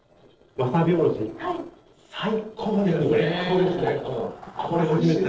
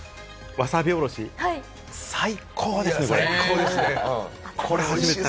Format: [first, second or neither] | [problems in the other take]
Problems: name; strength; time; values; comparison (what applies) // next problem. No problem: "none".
second | noise reduction (neural separator model SepFormer DNS4)